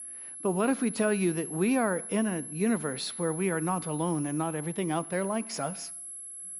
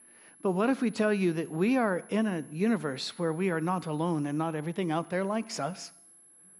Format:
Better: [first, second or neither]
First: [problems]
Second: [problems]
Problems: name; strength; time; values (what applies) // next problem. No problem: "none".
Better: second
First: high-pitched whine; loud; throughout; 11 kHz, 9 dB below the speech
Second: high-pitched whine; faint; throughout; 11 kHz, 25 dB below the speech